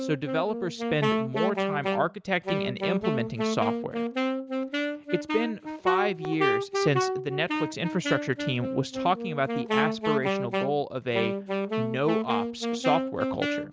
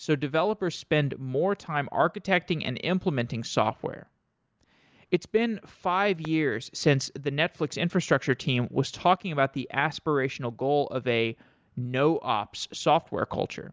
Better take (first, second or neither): second